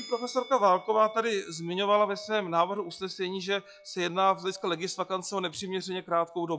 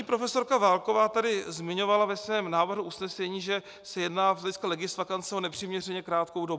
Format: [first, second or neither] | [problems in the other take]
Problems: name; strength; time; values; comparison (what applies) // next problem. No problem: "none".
second | noise reduction (classical method log-MMSE)